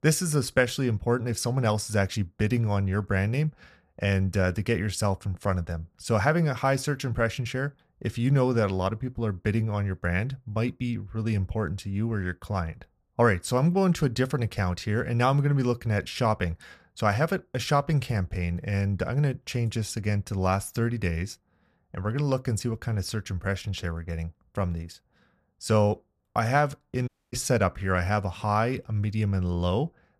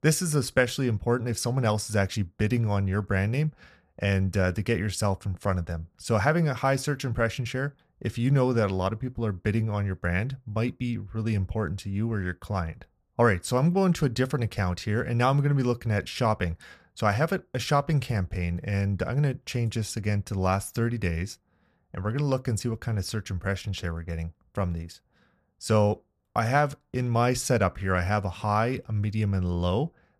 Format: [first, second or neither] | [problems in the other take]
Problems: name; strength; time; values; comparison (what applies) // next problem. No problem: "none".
second | audio cutting out; at 27 s